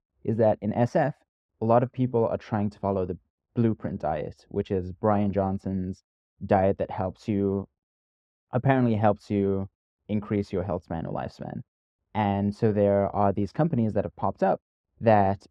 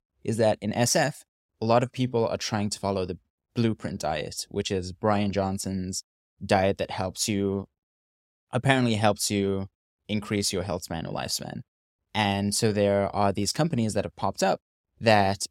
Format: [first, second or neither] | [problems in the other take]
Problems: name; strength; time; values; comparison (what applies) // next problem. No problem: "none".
second | muffled; very; fading above 3.5 kHz